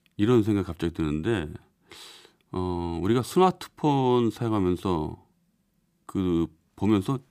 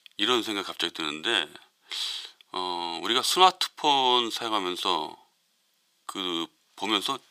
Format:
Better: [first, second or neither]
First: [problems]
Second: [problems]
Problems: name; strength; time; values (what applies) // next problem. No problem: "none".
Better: first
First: none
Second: thin; very; fading below 700 Hz